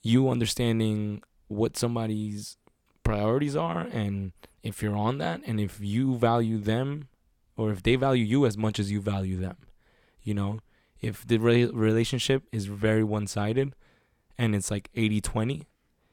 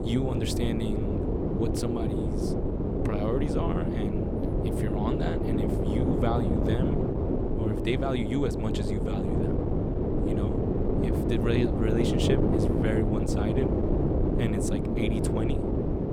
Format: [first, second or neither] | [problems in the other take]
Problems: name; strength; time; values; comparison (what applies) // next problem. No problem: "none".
first | wind noise on the microphone; heavy; 3 dB above the speech